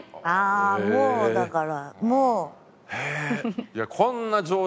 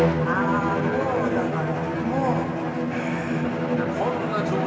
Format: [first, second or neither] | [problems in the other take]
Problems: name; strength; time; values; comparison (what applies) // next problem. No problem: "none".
first | background sound (Bowed string instrument); 4 dB above the speech // room echo; dies away in 2.3 s